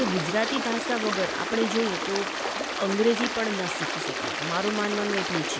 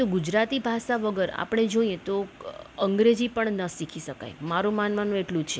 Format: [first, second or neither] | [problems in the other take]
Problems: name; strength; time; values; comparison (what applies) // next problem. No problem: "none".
second | background sound (Stream); 2 dB below the speech